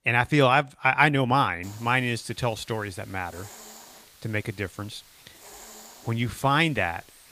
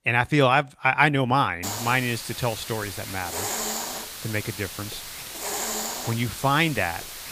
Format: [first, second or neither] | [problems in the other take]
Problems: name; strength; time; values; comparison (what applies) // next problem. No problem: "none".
first | hiss; loud; from 1.5 s on; 7 dB below the speech; faint in the first